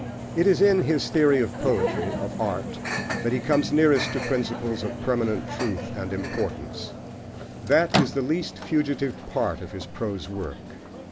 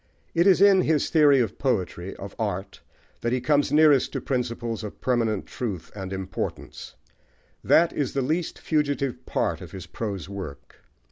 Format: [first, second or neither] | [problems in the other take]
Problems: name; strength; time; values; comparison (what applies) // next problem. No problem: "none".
second | background sound (Microwave oven); 6 dB below the speech